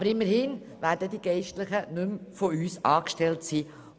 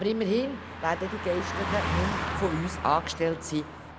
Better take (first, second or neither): first